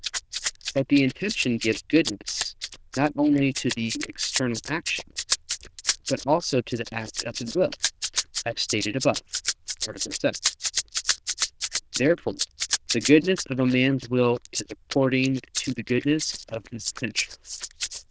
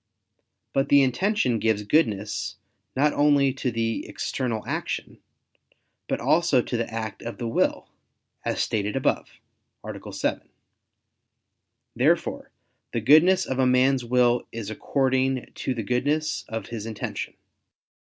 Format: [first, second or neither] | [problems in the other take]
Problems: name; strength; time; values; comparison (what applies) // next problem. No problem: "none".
second | noise reduction (neural diffusion model UNIVERSE++)